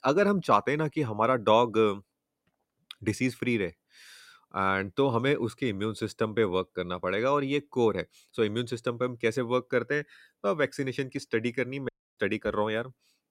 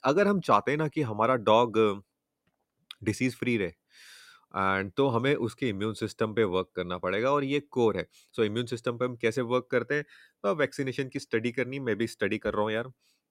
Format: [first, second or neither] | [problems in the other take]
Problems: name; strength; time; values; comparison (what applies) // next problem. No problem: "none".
second | audio cutting out; at 12 s